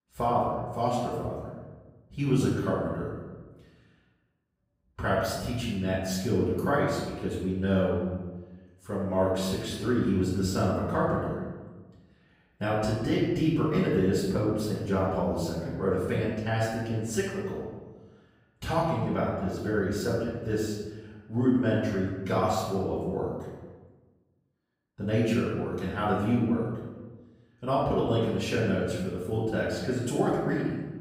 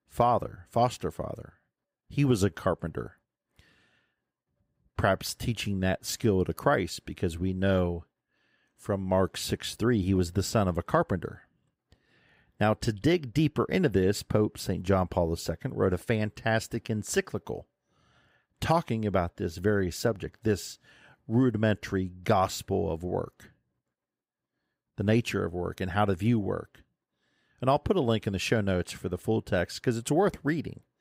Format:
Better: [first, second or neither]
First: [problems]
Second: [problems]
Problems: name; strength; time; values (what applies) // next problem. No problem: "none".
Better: second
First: room echo; noticeable; dies away in 1.1 s // off-mic speech; far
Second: none